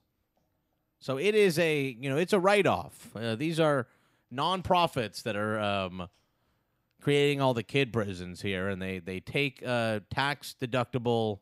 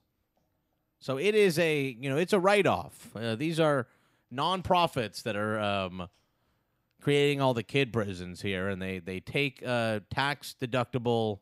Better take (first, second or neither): neither